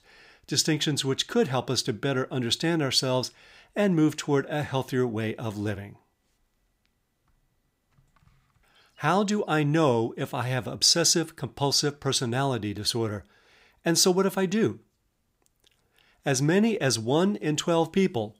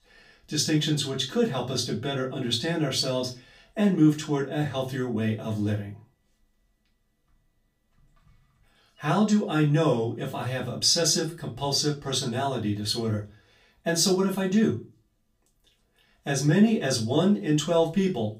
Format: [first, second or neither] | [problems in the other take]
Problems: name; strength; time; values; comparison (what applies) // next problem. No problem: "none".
first | off-mic speech; far // room echo; very slight; dies away in 0.3 s